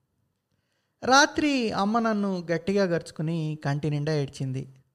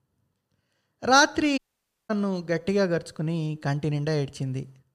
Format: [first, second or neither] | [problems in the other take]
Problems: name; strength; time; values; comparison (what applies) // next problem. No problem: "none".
first | audio cutting out; at 1.5 s for 0.5 s